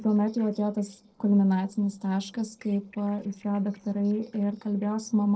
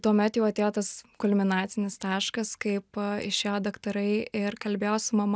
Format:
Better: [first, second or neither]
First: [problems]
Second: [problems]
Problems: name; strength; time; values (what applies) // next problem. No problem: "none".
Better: second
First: noise reduction (neural separator model SepFormer DNS4)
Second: none